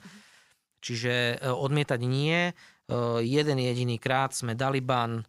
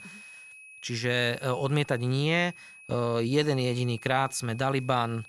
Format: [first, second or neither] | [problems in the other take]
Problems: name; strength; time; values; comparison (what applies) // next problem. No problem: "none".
first | high-pitched whine; noticeable; throughout; 2.5 kHz, 20 dB below the speech